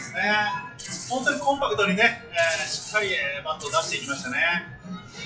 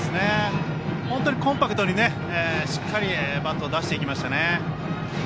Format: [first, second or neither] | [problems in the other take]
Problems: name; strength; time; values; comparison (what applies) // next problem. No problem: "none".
second | noise reduction (classical method WPE with log-MMSE)